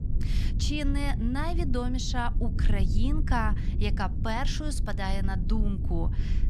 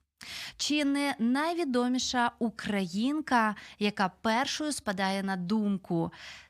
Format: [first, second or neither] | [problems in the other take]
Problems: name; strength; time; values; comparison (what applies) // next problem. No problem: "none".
second | low rumble; noticeable; throughout; 10 dB below the speech